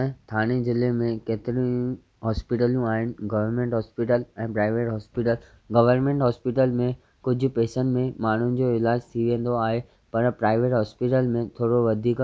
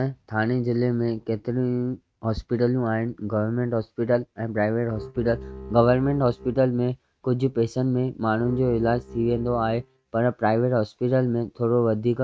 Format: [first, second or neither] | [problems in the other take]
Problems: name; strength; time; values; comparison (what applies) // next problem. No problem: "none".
first | noise reduction (neural mask model RNNoise)